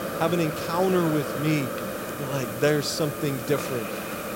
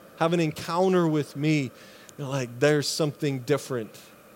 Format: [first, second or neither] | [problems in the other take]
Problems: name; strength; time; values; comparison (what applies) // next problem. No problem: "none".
second | hiss; loud; throughout; 5 dB below the speech; faint in the second